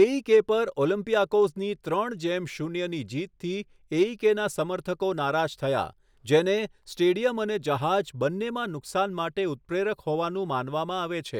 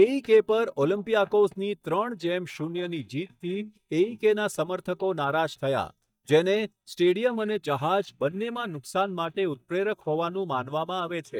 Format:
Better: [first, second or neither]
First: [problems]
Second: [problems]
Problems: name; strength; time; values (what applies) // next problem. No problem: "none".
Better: first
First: none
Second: noise reduction (neural mask model DeepFilterNet 3)